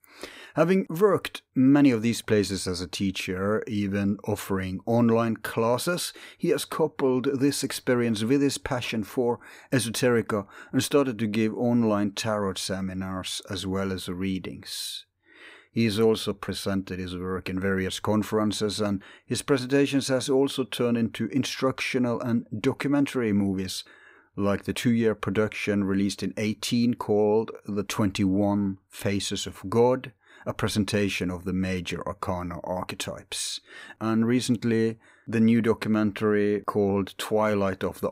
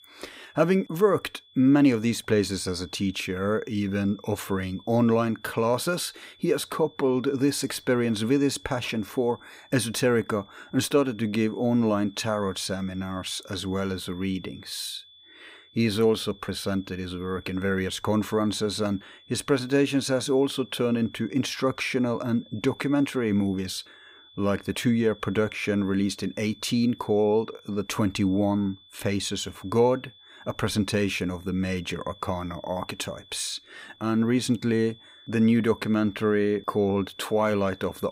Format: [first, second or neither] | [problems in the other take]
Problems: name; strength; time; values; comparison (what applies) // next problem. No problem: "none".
first | high-pitched whine; faint; throughout; 3.5 kHz, 25 dB below the speech